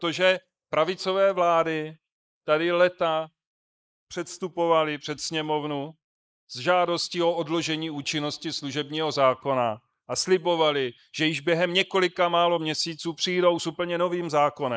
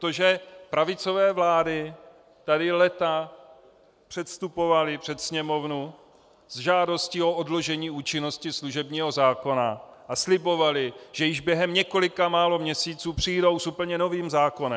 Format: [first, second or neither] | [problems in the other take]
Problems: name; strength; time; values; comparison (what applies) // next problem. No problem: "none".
second | noise reduction (neural mask model Resemble Enhance denoiser)